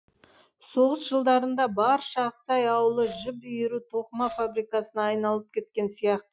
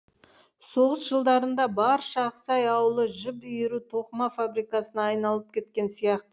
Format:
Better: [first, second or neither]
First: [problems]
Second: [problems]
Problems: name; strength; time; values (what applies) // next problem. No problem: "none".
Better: second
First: noise reduction (classical method Wiener filter)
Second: none